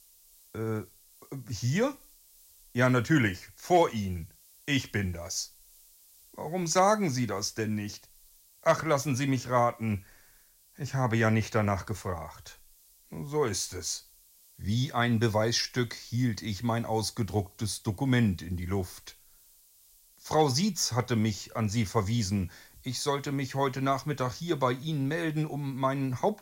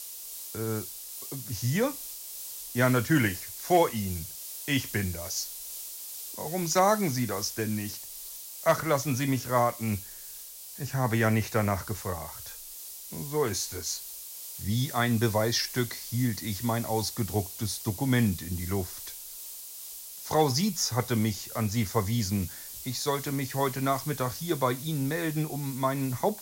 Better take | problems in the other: first | hiss; loud; throughout; 10 dB below the speech; faint in the first

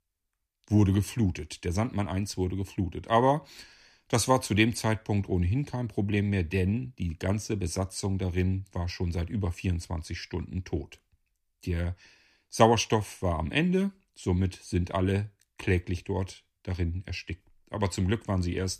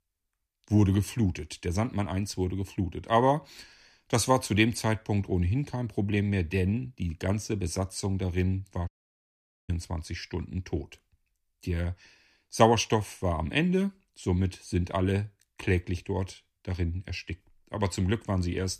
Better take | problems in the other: first | audio cutting out; at 9 s for 1 s

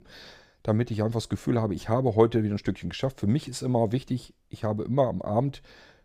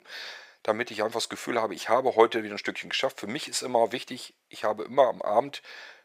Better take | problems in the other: first | thin; very; fading below 650 Hz

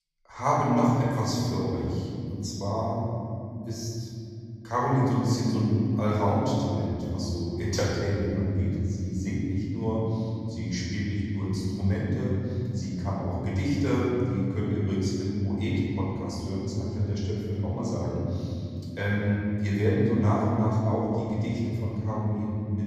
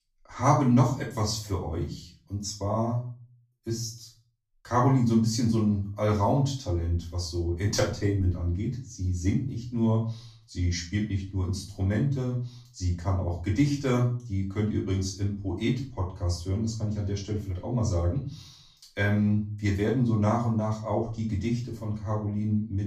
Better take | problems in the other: second | room echo; strong; dies away in 3 s; slight in the second // off-mic speech; far; far in the second

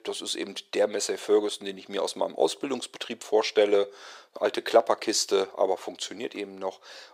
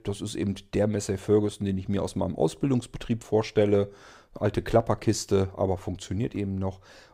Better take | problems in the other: second | thin; very; fading below 400 Hz

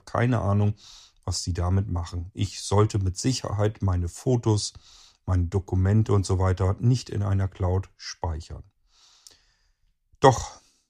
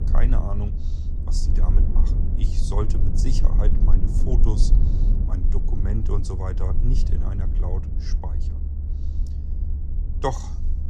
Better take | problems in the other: first | low rumble; loud; throughout; 6 dB below the speech

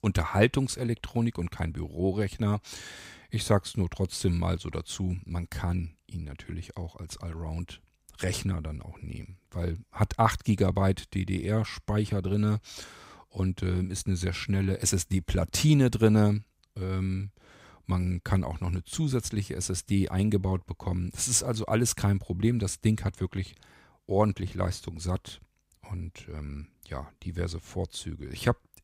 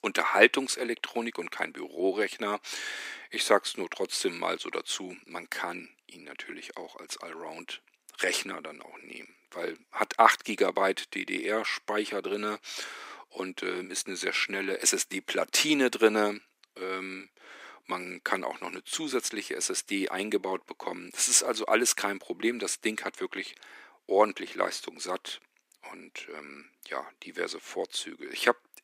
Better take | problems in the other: first | thin; very; fading below 300 Hz

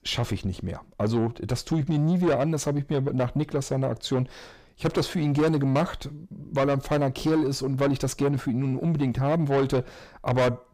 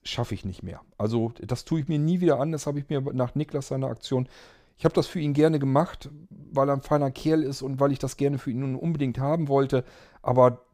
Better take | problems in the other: second | distortion; heavy; 8 dB below the speech

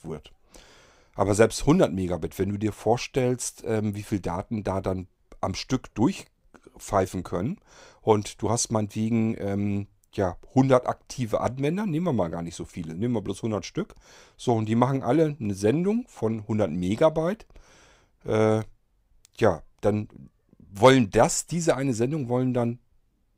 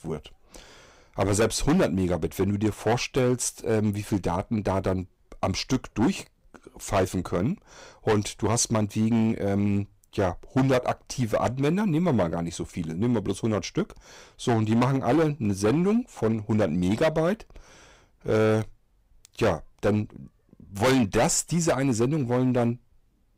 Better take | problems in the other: first | distortion; heavy; 8% of the sound clipped

